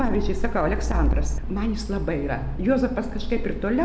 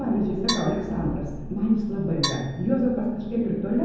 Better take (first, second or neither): first